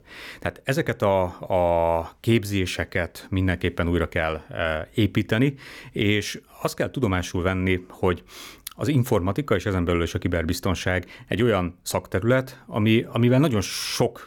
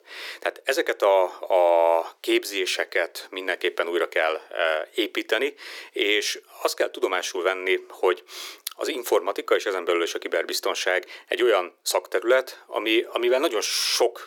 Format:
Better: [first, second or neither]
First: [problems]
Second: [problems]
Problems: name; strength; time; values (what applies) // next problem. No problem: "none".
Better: first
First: none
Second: thin; very; fading below 350 Hz